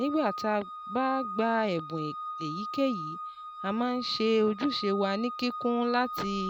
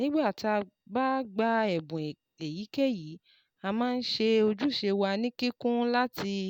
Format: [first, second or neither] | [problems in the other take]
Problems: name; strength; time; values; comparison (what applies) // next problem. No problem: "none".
second | background sound (Organ); 8 dB below the speech